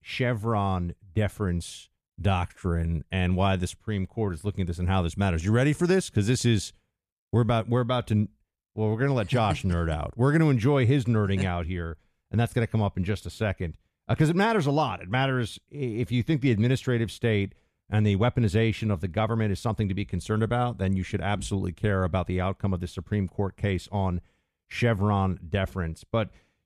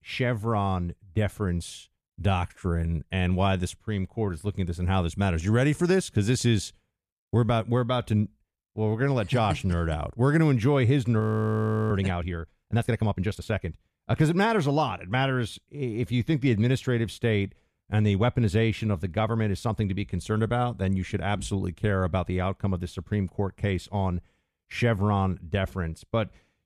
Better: first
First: none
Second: audio freezing; at 11 s for 0.5 s

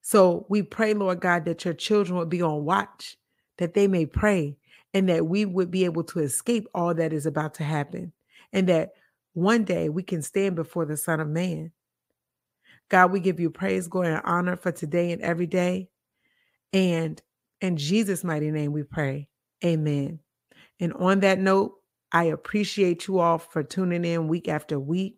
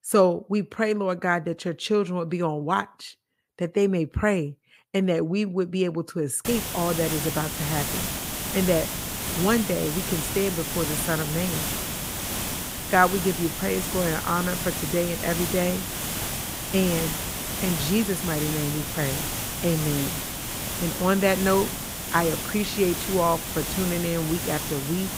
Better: first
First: none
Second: hiss; loud; from 6.5 s on; 3 dB below the speech

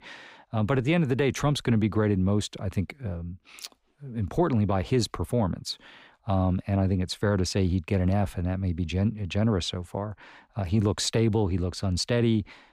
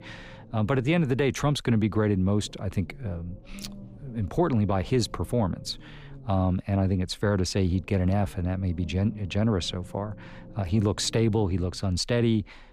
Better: first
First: none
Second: low rumble; faint; throughout; 25 dB below the speech

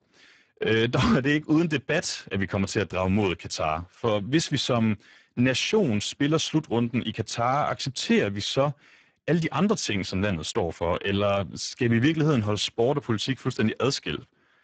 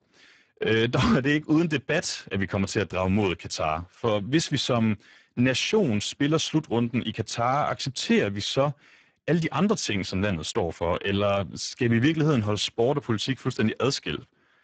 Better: neither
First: garbled, watery; badly; nothing above 8 kHz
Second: garbled, watery; badly; nothing above 8 kHz

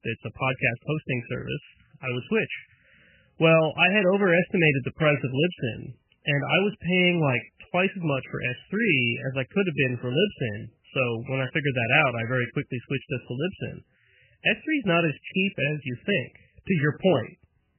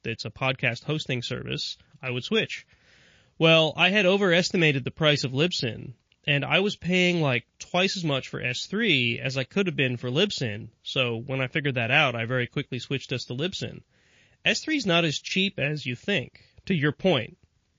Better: second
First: garbled, watery; badly; nothing above 3 kHz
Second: garbled, watery; slightly

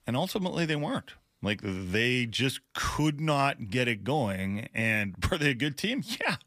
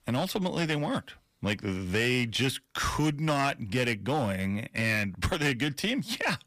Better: first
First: none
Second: distortion; slight; 5% of the sound clipped

